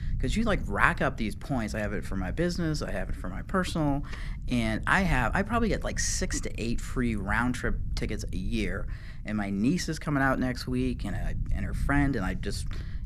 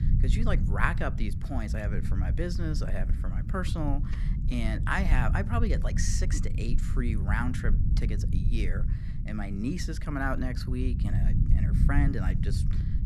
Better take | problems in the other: first | low rumble; loud; throughout; 9 dB below the speech; faint in the first

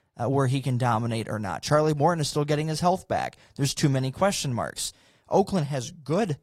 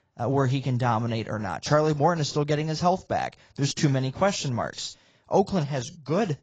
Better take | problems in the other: first | garbled, watery; badly; nothing above 7.5 kHz; slightly in the first

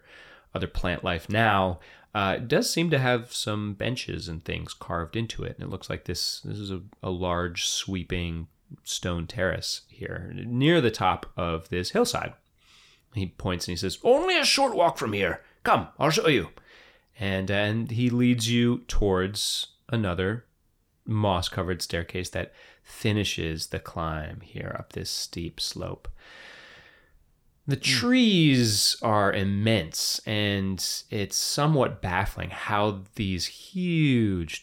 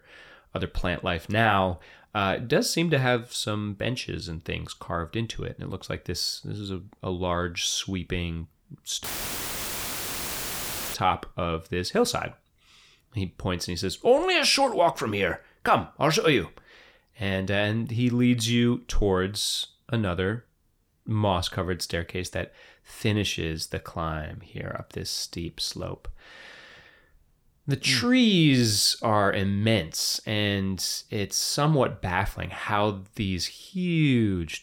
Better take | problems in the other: first | audio cutting out; filled with static; at 9 s for 2 s

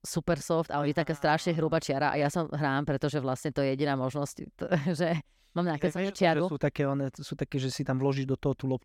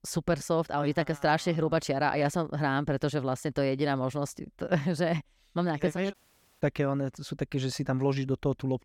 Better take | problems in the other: first | audio cutting out; at 6 s

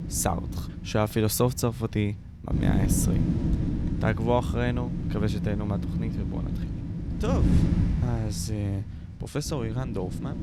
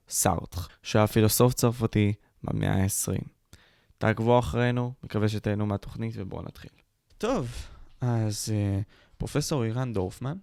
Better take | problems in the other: second | wind noise on the microphone; heavy; 6 dB below the speech

